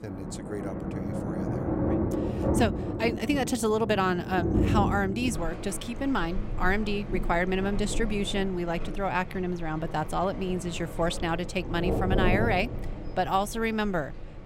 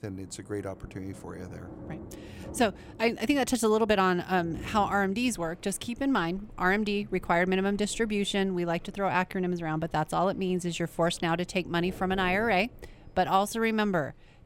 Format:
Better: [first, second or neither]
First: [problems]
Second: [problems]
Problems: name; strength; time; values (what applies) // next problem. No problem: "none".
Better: second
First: rain or running water; loud; throughout; 3 dB below the speech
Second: rain or running water; faint; throughout; 20 dB below the speech